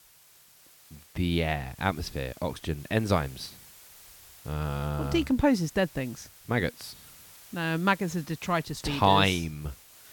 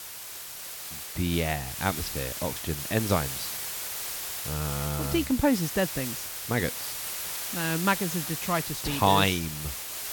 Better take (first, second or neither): first